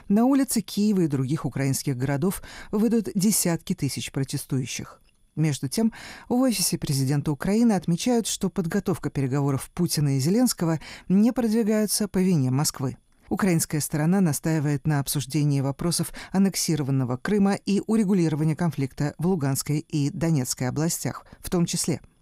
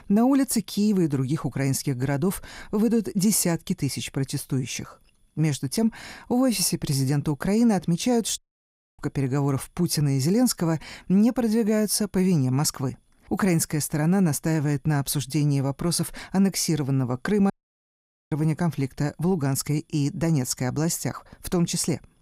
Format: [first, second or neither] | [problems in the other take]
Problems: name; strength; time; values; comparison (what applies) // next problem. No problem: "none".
first | audio cutting out; at 8.5 s for 0.5 s and at 18 s for 1 s